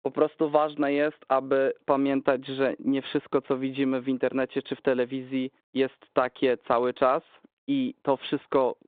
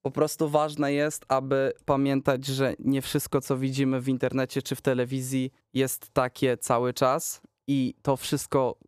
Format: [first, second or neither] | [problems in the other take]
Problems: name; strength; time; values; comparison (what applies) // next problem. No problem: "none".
second | phone-call audio; nothing above 4 kHz